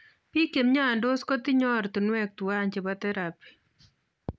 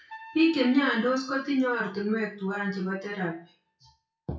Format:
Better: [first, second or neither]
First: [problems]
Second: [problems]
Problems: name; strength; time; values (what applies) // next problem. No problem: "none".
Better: first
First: none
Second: noise reduction (classical method WPE with log-MMSE)